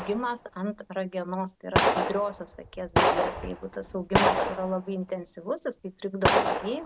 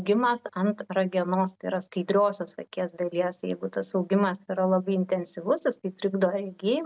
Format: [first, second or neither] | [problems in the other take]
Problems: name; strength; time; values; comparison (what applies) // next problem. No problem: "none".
second | background sound (Gunshot, gunfire); 3 dB above the speech